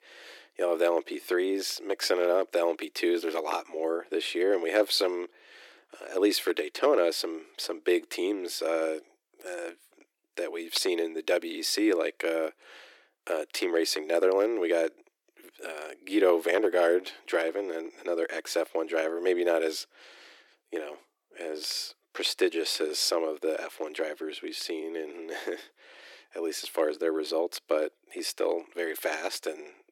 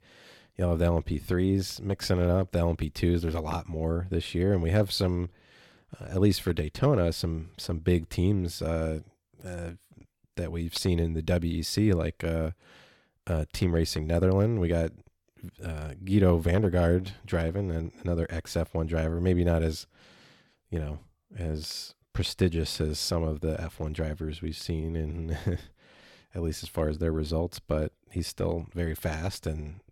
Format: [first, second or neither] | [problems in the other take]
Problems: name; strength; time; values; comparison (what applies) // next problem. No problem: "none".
second | thin; very; fading below 300 Hz